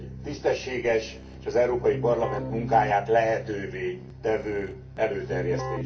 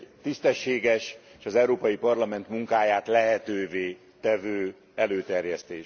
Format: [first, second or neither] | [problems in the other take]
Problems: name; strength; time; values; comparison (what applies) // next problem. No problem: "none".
second | background sound (Keyboard (musical)); 9 dB below the speech // room echo; dies away in 0.3 s